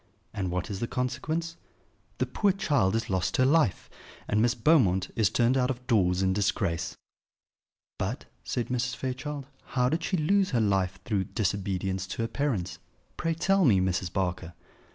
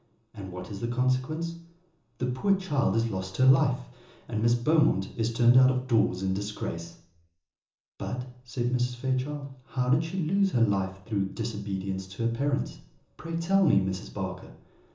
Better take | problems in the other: first | room echo; dies away in 0.6 s

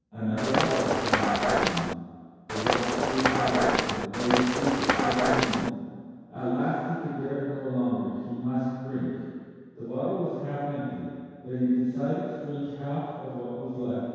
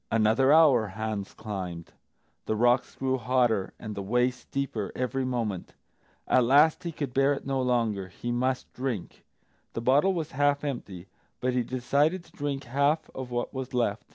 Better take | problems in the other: second | background sound (Run); 4 dB above the speech // room echo; dies away in 2 s

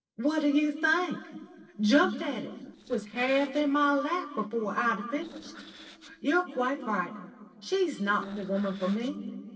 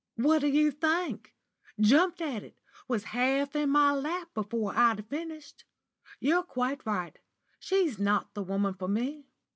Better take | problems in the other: second | noise reduction (neural separator model SepFormer DNS4)

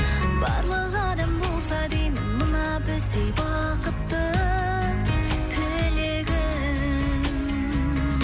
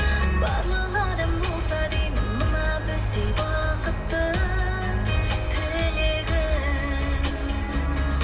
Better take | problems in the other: first | background sound (Wind); 17 dB below the speech // room echo; dies away in 0.8 s

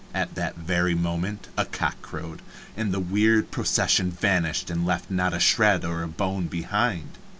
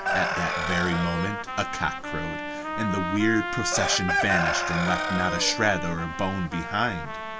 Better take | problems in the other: first | background sound (Chicken, rooster + Trumpet); 2 dB below the speech

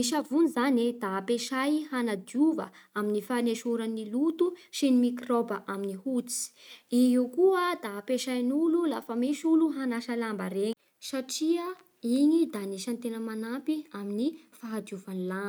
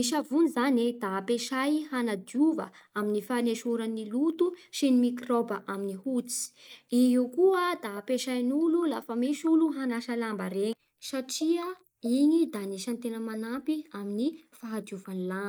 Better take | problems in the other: first | noise reduction (neural mask model Resemble Enhance denoiser)

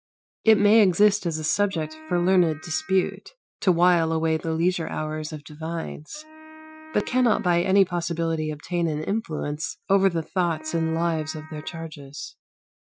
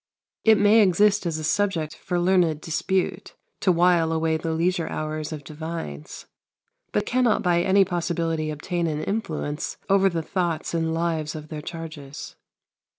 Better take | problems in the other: second | noise reduction (classical method Wiener filter)

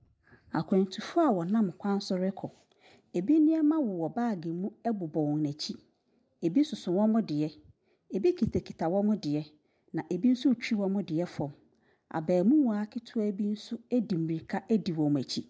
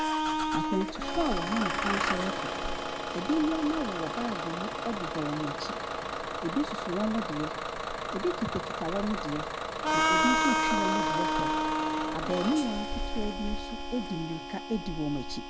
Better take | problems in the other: first | background sound (Engine starting / Bus + Harmonica); 2 dB above the speech

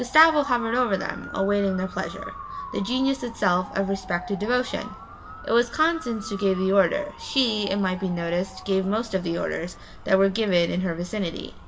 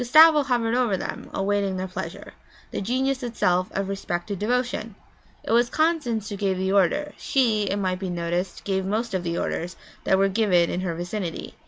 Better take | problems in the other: second | background sound (Motor vehicle (road) / Siren); 15 dB below the speech // room echo; dies away in 0.9 s

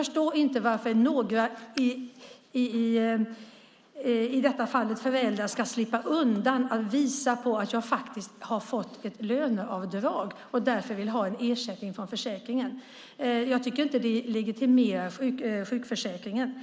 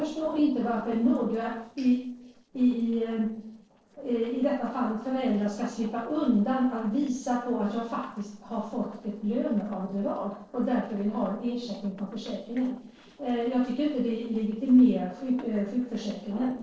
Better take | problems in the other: first | noise reduction (neural separator model SepFormer DNS4)

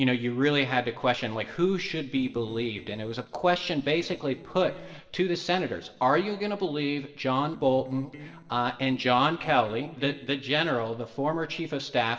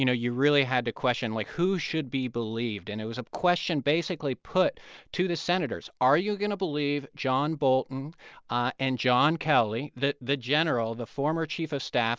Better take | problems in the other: second | noise reduction (neural separator model SepFormer DNS4)

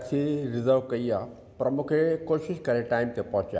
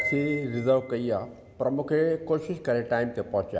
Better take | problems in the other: first | background sound (Piano); 13 dB below the speech

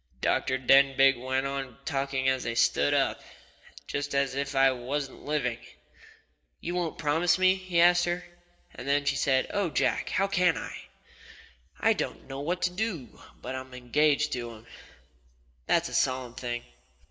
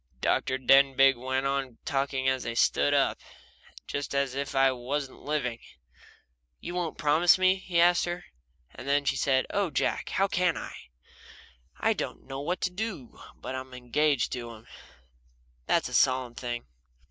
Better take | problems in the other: second | room echo; dies away in 0.8 s

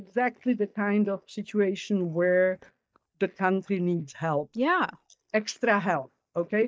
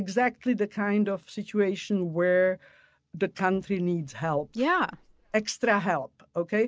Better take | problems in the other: second | noise reduction (neural mask model DeepFilterNet 3)

